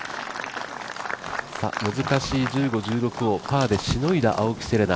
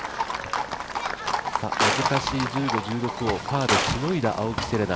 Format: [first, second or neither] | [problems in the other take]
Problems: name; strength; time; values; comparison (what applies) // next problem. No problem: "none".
first | background sound (Livestock, farm animals, working animals + Gunshot, gunfire); as loud as the speech